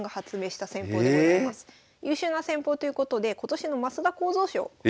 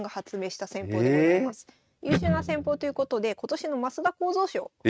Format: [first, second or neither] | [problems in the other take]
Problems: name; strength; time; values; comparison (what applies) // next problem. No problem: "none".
first | noise reduction (neural mask model RNNoise)